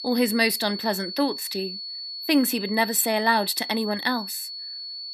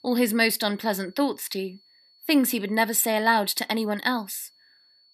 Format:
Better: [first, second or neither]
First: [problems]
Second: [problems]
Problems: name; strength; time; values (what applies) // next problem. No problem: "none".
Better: second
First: high-pitched whine; loud; throughout; 4.5 kHz, 8 dB below the speech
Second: high-pitched whine; faint; throughout; 4.5 kHz, 30 dB below the speech